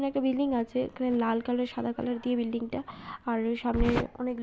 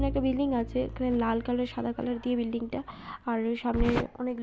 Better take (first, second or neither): first